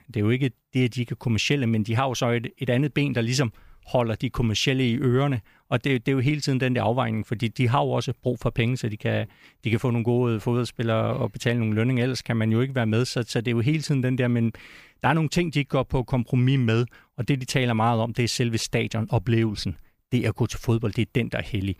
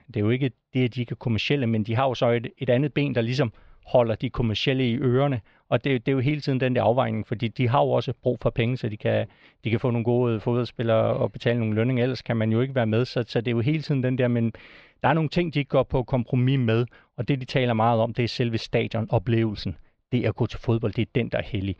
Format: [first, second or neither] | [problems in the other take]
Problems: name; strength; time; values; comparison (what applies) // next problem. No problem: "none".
first | muffled; slightly; fading above 4 kHz